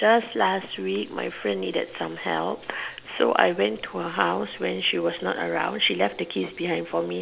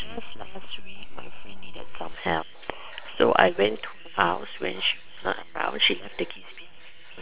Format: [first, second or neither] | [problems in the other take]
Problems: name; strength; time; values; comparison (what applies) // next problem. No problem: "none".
first | noise reduction (neural separator model SepFormer WHAM!)